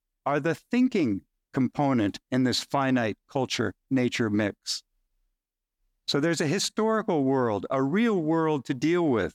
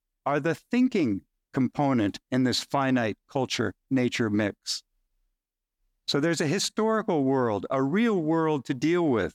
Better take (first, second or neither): neither